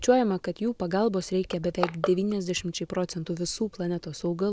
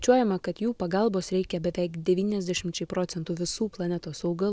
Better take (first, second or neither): second